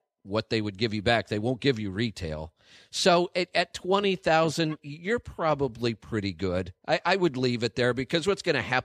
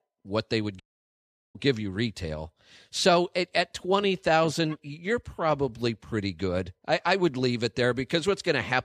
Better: first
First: none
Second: audio cutting out; at 1 s for 1 s

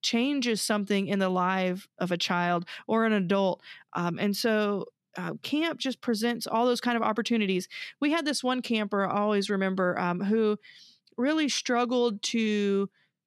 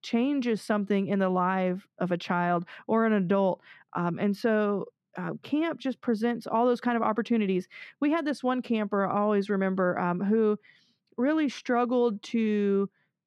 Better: first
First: none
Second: muffled; slightly; fading above 2.5 kHz

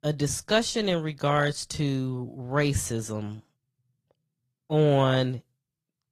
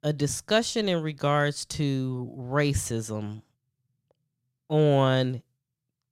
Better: second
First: garbled, watery; slightly; nothing above 12.5 kHz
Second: none

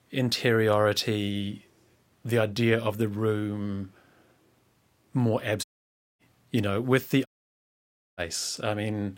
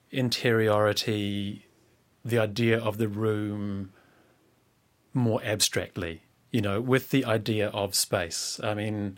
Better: second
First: audio cutting out; at 5.5 s for 0.5 s and at 7.5 s for 1 s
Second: none

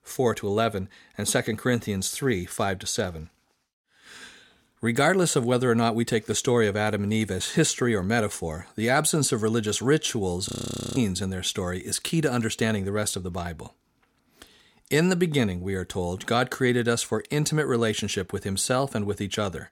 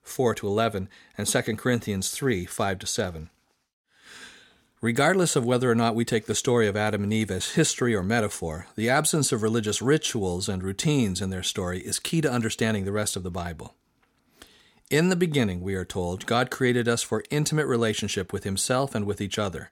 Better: second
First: audio freezing; at 10 s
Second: none

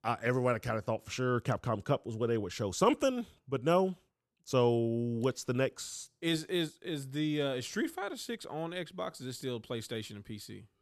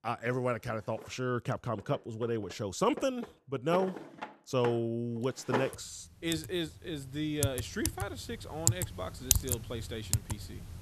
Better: first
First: none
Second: household noises; loud; throughout; as loud as the speech

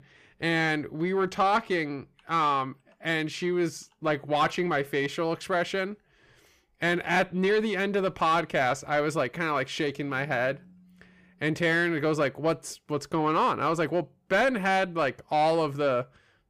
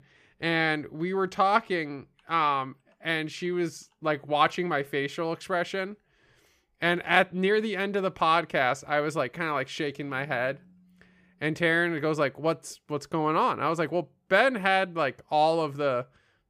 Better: second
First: distortion; slight; 10 dB below the speech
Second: none

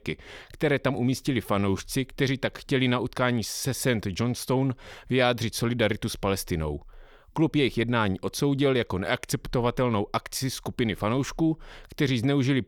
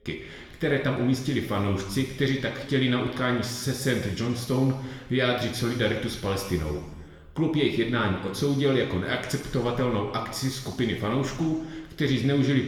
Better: first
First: none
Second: room echo; noticeable; dies away in 1.3 s // off-mic speech; somewhat distant

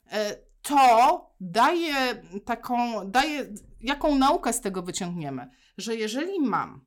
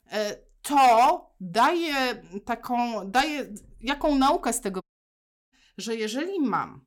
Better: first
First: none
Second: audio cutting out; at 5 s for 0.5 s

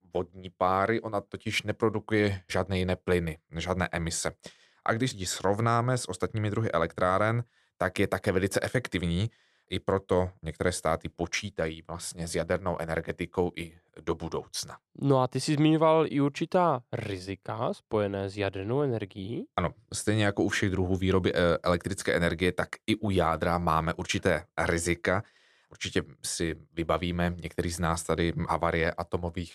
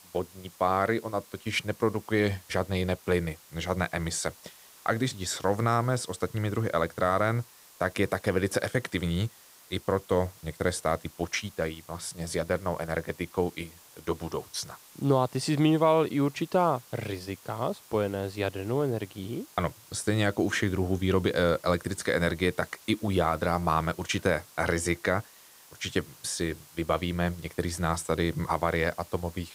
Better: first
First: none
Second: hiss; faint; throughout; 20 dB below the speech

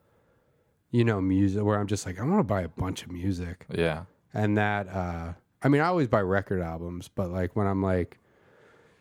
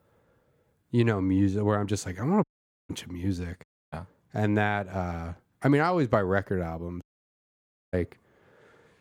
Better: first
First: none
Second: audio cutting out; at 2.5 s, at 3.5 s and at 7 s for 1 s

